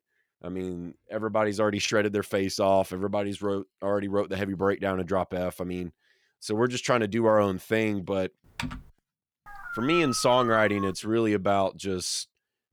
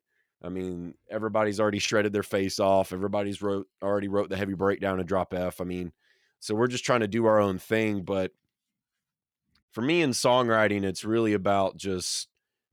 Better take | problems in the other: second | keyboard typing; noticeable; at 8.5 s; peak 9 dB below the speech // dog barking; noticeable; from 9.5 to 11 s; peak 6 dB below the speech

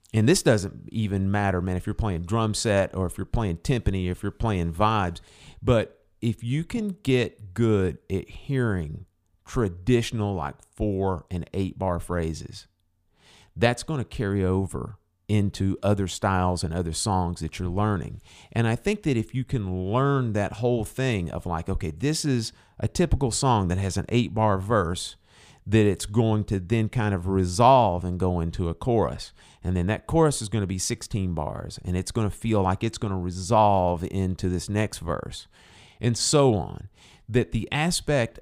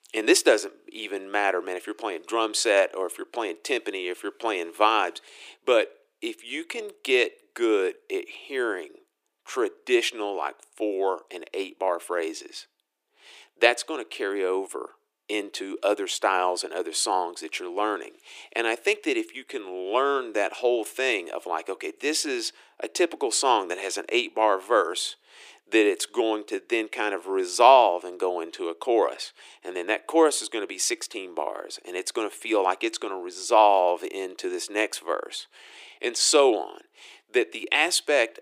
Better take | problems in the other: first | thin; very; fading below 300 Hz

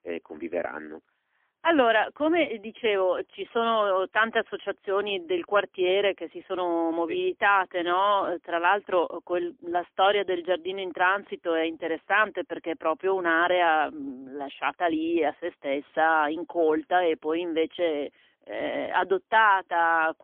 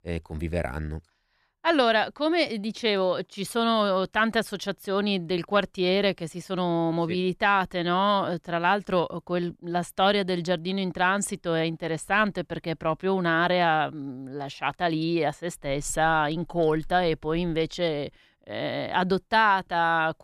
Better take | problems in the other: second | phone-call audio; poor line; nothing above 3.5 kHz

